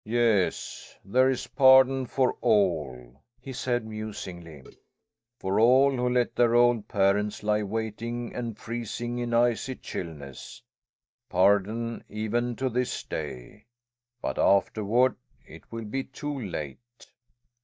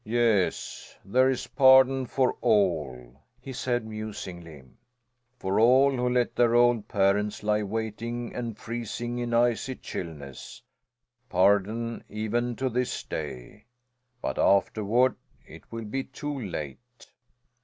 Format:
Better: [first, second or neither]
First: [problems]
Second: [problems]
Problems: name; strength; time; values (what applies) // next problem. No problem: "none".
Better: second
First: noise reduction (neural mask model DeepFilterNet 3)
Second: none